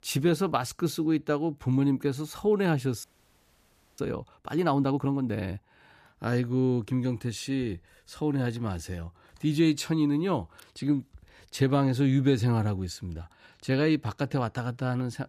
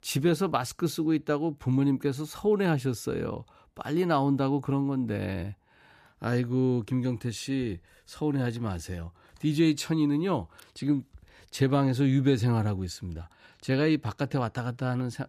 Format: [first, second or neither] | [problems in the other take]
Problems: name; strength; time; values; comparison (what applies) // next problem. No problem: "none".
second | audio freezing; at 3 s for 1 s